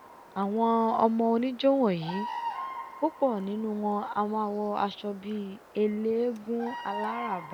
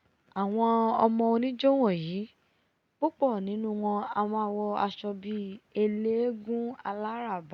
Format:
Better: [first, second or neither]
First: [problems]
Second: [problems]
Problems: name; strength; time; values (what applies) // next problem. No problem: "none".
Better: second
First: background sound (Bird vocalization, bird call, bird song); 13 dB below the speech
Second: none